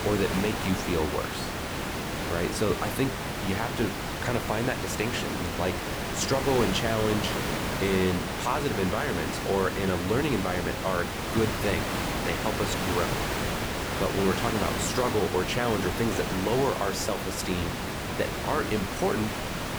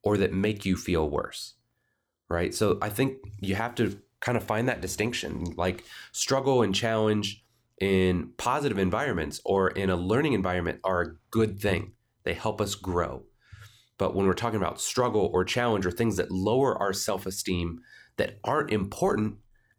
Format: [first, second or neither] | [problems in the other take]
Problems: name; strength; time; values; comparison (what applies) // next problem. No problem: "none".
second | hiss; loud; throughout; 1 dB below the speech